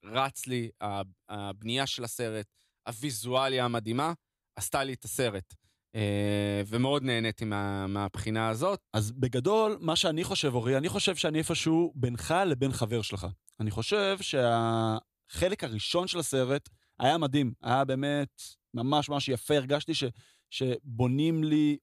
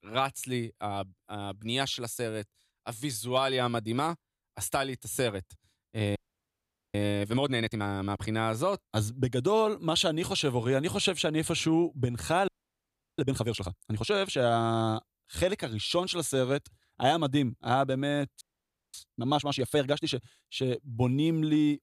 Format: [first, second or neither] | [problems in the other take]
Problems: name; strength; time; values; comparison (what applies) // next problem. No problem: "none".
first | audio freezing; at 6 s for 1 s, at 12 s for 0.5 s and at 18 s for 0.5 s